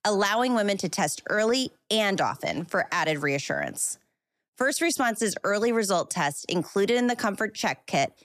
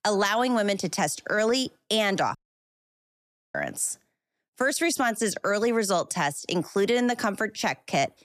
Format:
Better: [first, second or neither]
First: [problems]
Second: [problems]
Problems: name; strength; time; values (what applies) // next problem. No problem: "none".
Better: first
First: none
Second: audio cutting out; at 2.5 s for 1 s